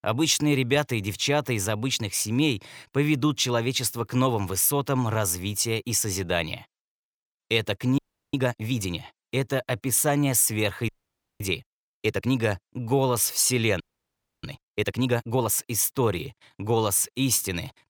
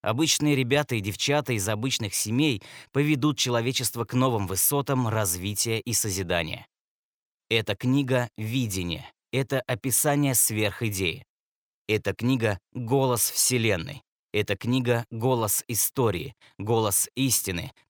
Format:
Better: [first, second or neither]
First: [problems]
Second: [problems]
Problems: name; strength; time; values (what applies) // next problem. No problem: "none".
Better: second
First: audio freezing; at 8 s, at 11 s for 0.5 s and at 14 s for 0.5 s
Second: none